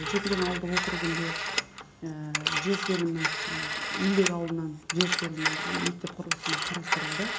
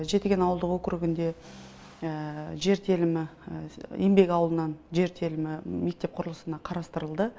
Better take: second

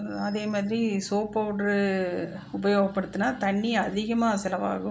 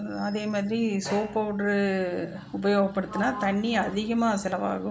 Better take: first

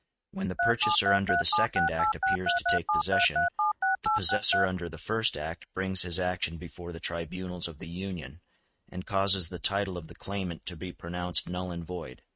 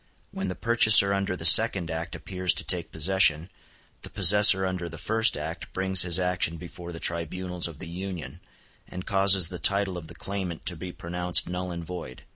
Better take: second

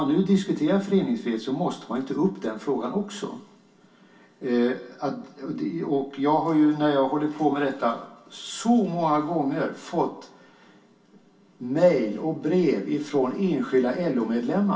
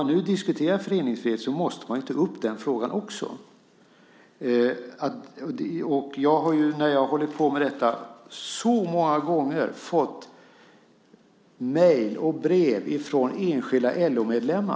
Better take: second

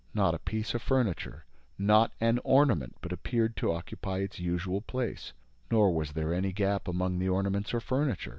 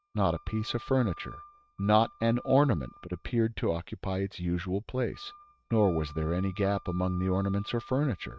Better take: first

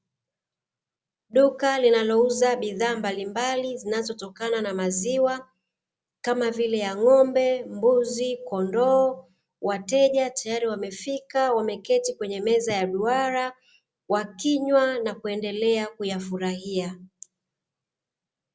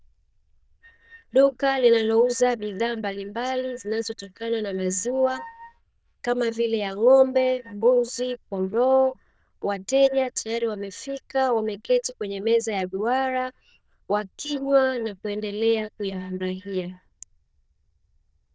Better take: first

